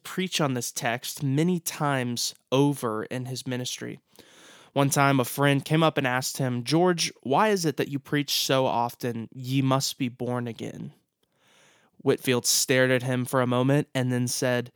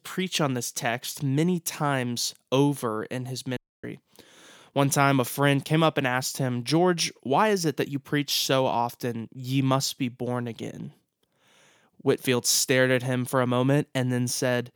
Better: first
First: none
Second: audio cutting out; at 3.5 s

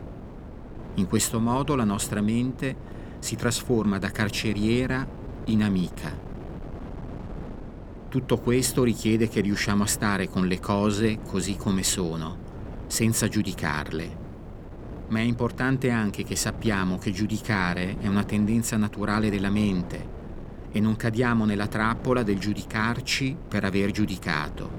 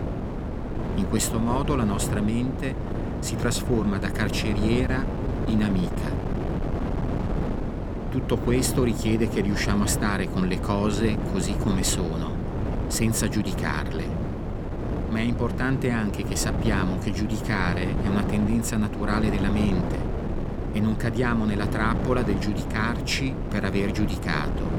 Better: first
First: wind noise on the microphone; occasional gusts; 15 dB below the speech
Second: wind noise on the microphone; heavy; 5 dB below the speech

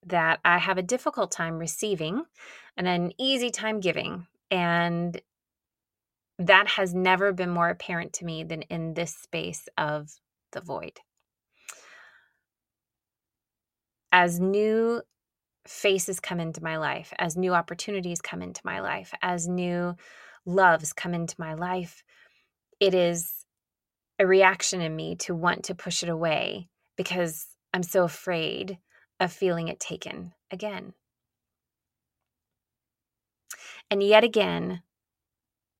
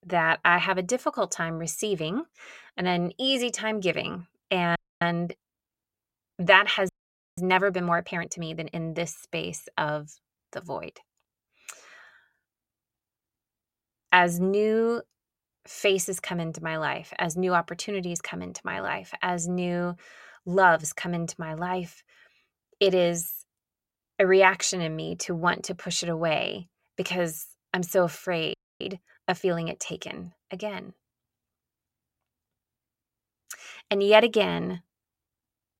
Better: first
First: none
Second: audio freezing; at 5 s, at 7 s and at 29 s

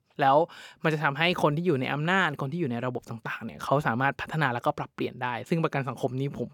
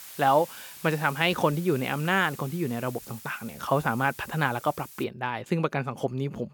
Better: first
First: none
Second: hiss; noticeable; until 5 s; 15 dB below the speech

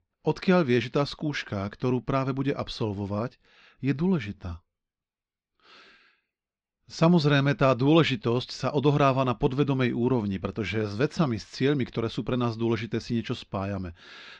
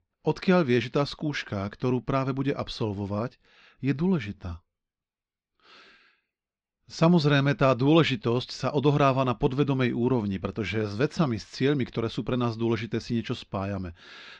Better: neither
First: muffled; very slightly; fading above 4.5 kHz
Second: muffled; very slightly; fading above 4.5 kHz

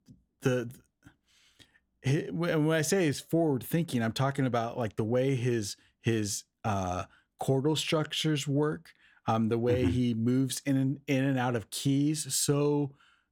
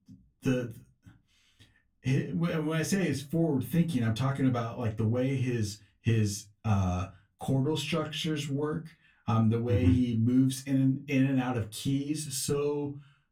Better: first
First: none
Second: off-mic speech; far // room echo; very slight; dies away in 0.2 s

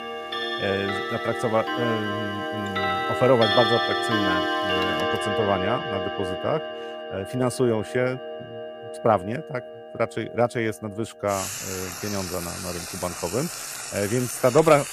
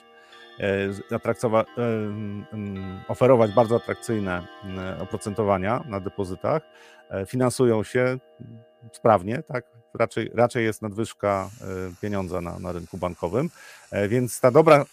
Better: second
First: household noises; loud; throughout; 1 dB below the speech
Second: household noises; faint; throughout; 25 dB below the speech

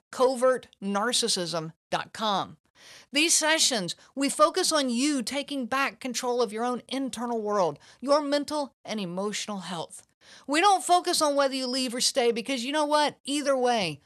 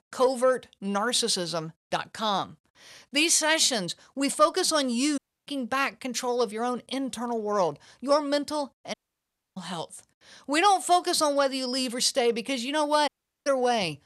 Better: first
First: none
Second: audio cutting out; at 5 s, at 9 s for 0.5 s and at 13 s

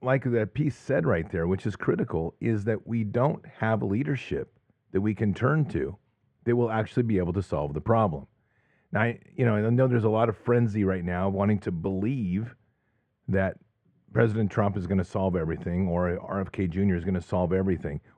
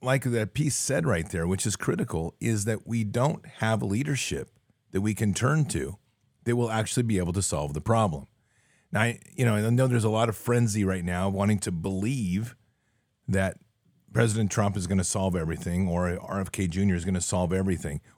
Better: second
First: muffled; very; fading above 2 kHz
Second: none

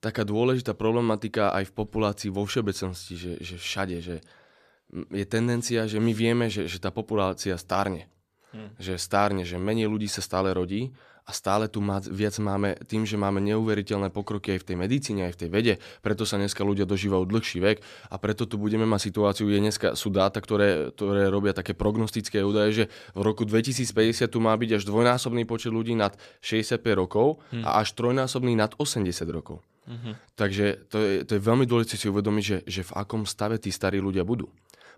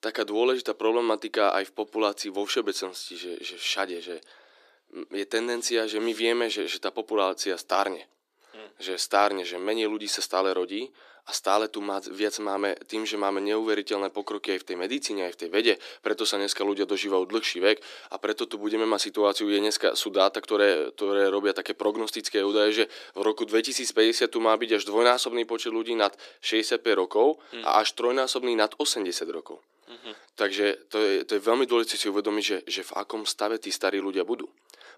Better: first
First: none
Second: thin; somewhat; fading below 300 Hz

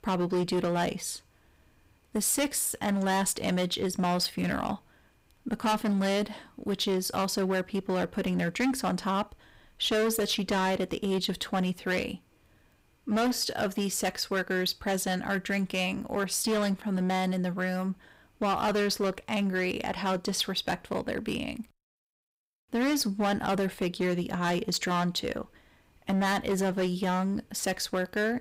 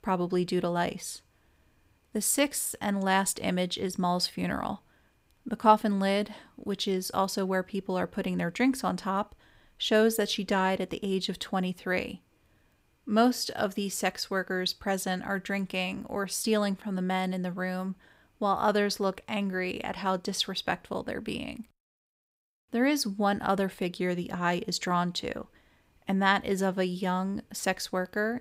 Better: second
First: distortion; heavy; 12% of the sound clipped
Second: none

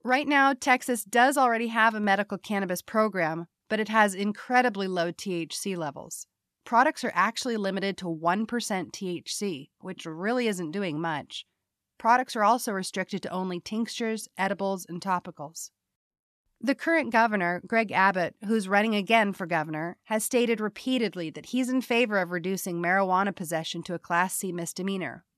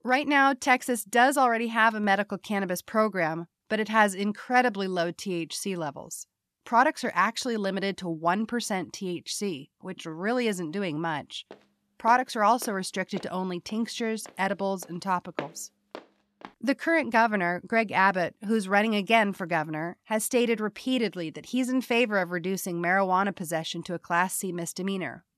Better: first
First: none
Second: footsteps; faint; from 12 to 16 s; peak 10 dB below the speech

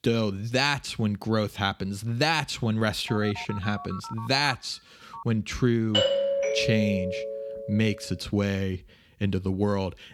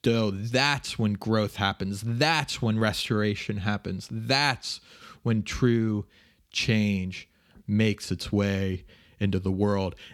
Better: second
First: phone ringing; faint; from 3 to 5 s; peak 10 dB below the speech // doorbell; loud; from 6 to 8 s; peak 4 dB above the speech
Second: none

